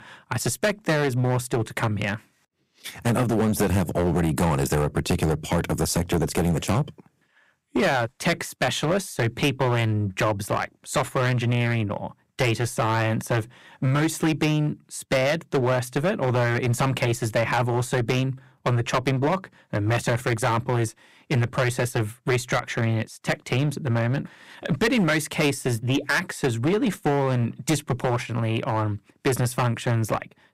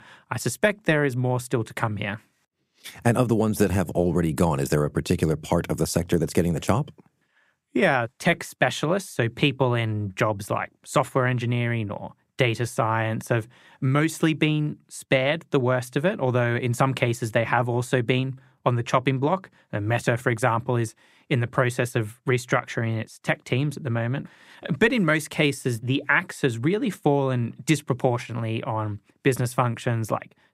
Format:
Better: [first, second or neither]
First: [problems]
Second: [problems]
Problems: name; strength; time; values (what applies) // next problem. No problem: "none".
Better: second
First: distortion; heavy; 10% of the sound clipped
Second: none